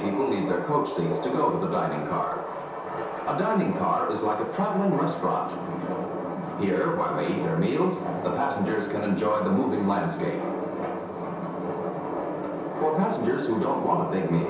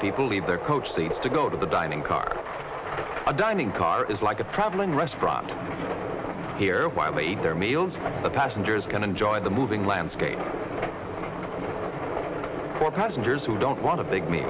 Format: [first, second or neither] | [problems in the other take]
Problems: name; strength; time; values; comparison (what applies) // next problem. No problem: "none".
second | room echo; dies away in 0.7 s